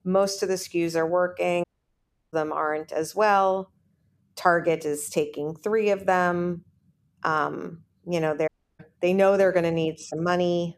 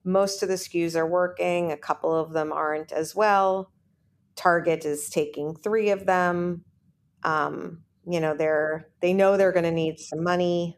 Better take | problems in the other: second | audio cutting out; at 1.5 s for 0.5 s and at 8.5 s

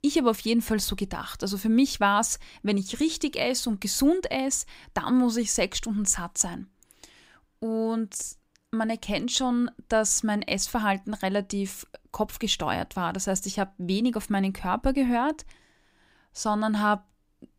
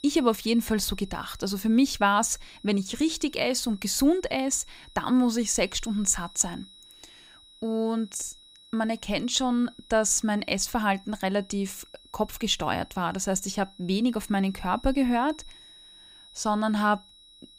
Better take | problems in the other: first | high-pitched whine; faint; throughout; 4 kHz, 25 dB below the speech

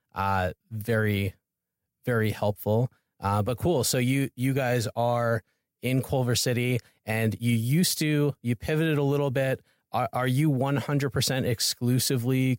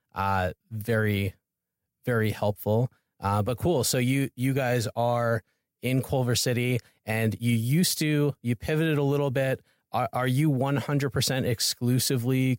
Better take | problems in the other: neither | none

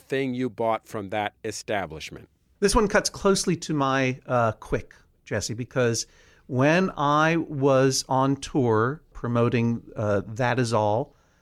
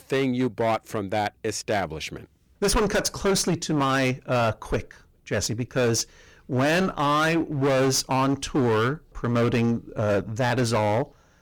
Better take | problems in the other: first | distortion; heavy; 16% of the sound clipped

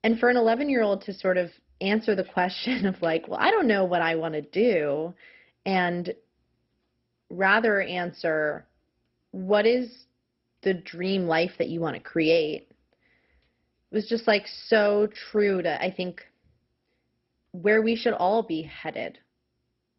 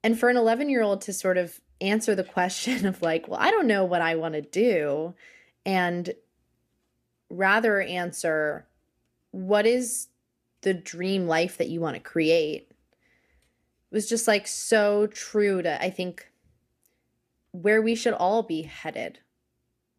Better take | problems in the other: second | garbled, watery; badly; nothing above 5.5 kHz

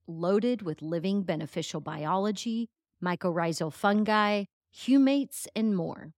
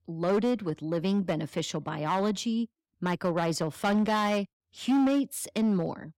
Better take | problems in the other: first | distortion; slight; 8% of the sound clipped

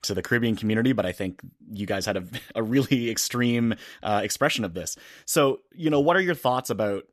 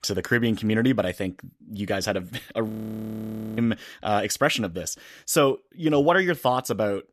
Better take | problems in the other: first | audio freezing; at 2.5 s for 1 s

